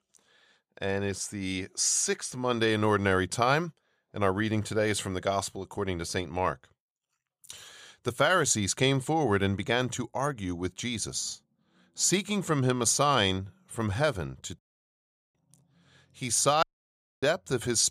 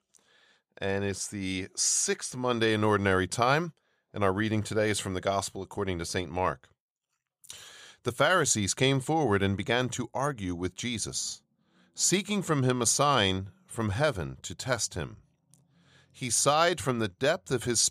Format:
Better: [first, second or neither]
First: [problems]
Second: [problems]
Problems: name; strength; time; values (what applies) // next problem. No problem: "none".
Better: second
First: audio cutting out; at 15 s for 1 s and at 17 s for 0.5 s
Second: none